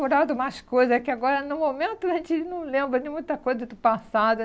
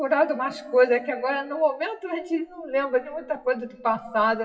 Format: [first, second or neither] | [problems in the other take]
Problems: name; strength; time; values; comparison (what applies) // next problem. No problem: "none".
first | noise reduction (classical method WPE with log-MMSE)